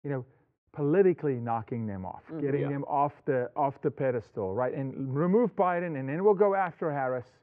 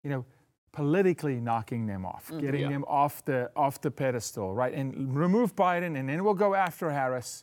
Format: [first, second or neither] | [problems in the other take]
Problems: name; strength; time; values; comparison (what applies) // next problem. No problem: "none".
second | muffled; very; fading above 2 kHz